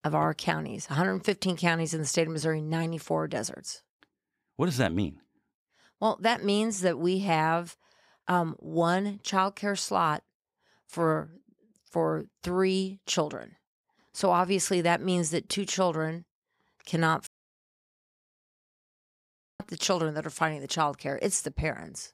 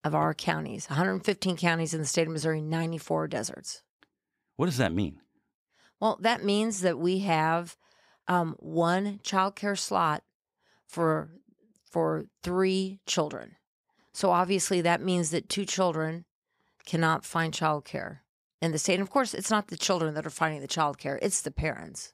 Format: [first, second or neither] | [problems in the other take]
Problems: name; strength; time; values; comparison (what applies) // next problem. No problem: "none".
second | audio cutting out; at 17 s for 2.5 s